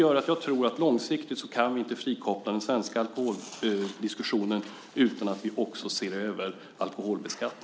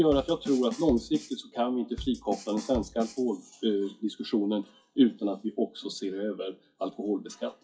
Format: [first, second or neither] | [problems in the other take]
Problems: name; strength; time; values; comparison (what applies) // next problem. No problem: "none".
first | noise reduction (classical method WPE with log-MMSE)